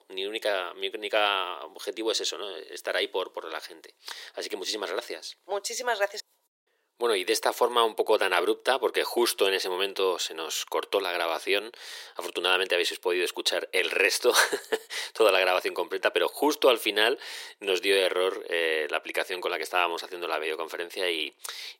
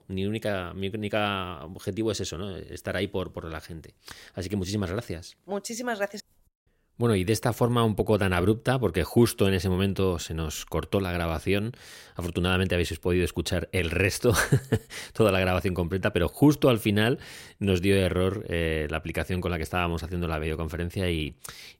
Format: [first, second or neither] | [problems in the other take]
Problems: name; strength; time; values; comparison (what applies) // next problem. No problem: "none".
second | thin; very; fading below 400 Hz